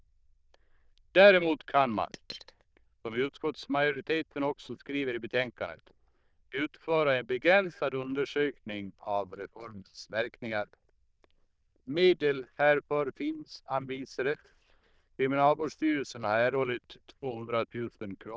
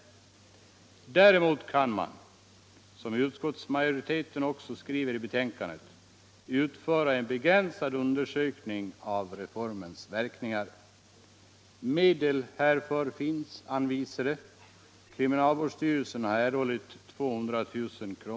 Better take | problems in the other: second | noise reduction (neural diffusion model UNIVERSE++)

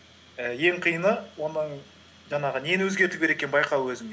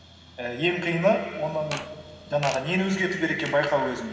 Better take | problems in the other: first | background sound (Fart); 15 dB below the speech // room echo; dies away in 2.6 s

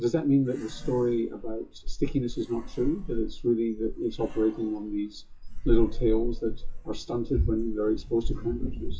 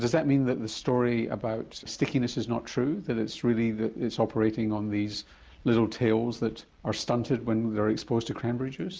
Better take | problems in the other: second | noise reduction (classical method WPE with log-MMSE)

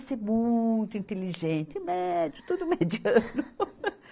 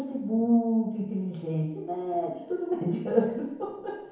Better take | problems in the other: first | room echo; dies away in 1 s

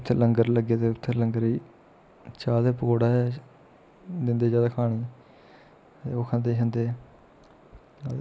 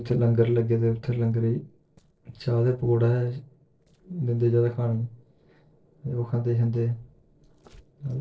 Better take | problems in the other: first | noise reduction (neural separator model SepFormer DNS4)

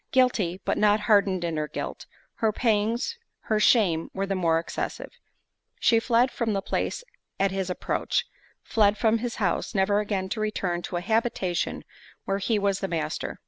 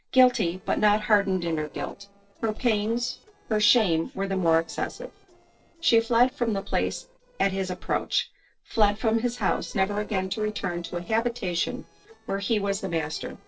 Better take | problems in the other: first | noise reduction (neural separator model SepFormer DNS4)

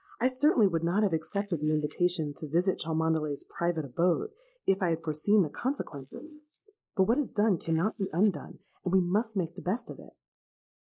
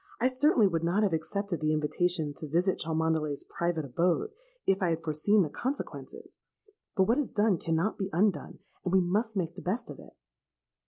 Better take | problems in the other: second | noise reduction (neural mask model Resemble Enhance denoiser)

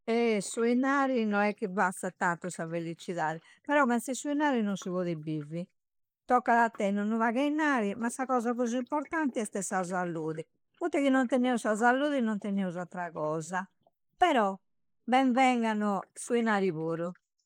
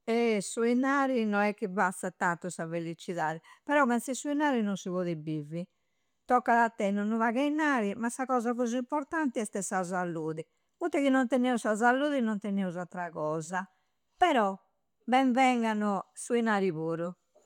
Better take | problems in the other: second | noise reduction (neural mask model Resemble Enhance denoiser)

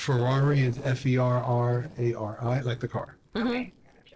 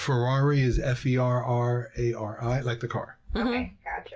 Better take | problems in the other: second | noise reduction (neural separator model SepFormer DNS4)

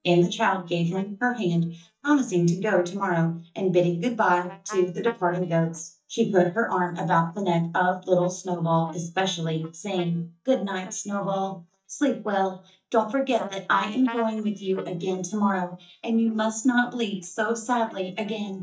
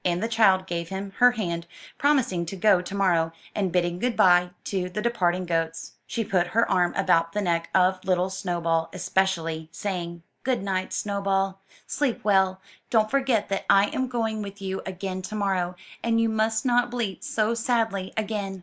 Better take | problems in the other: second | noise reduction (neural mask model DeepFilterNet 3)

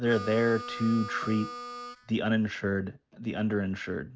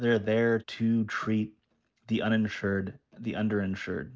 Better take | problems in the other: second | background sound (Harmonica); 10 dB below the speech

